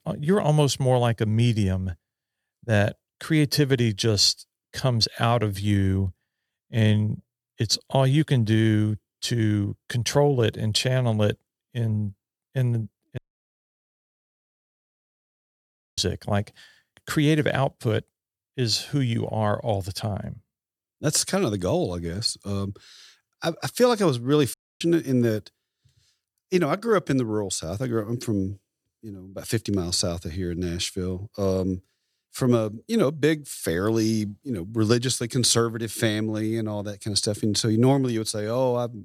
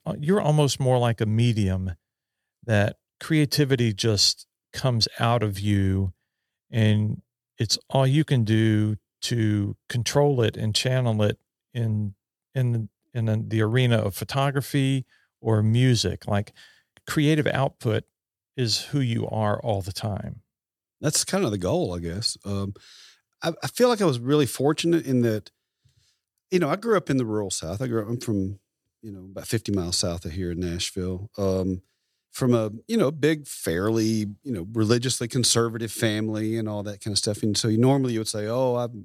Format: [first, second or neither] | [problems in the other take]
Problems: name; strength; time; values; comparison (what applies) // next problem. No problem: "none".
second | audio cutting out; at 13 s for 3 s and at 25 s